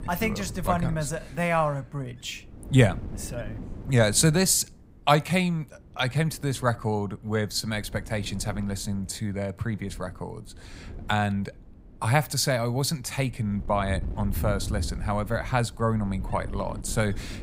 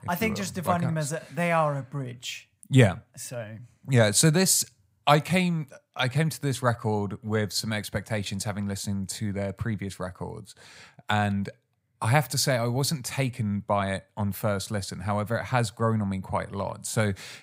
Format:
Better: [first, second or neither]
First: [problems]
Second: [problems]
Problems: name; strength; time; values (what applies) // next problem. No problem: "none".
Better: second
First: wind noise on the microphone; occasional gusts; 20 dB below the speech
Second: none